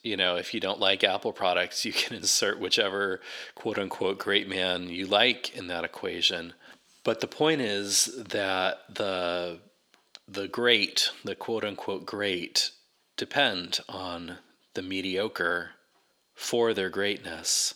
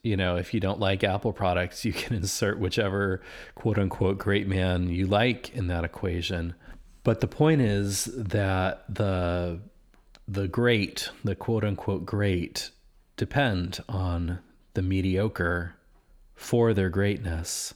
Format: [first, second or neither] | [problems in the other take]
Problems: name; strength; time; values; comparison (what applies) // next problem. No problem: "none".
second | thin; somewhat; fading below 350 Hz